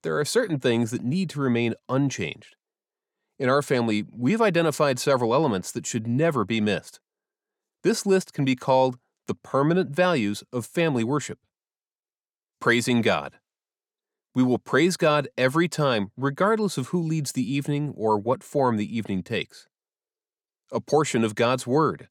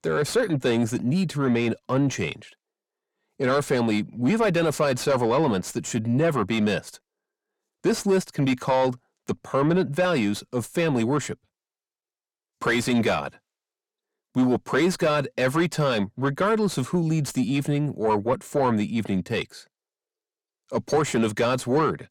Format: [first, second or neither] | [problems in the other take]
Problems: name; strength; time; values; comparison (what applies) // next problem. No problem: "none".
first | distortion; slight; 10 dB below the speech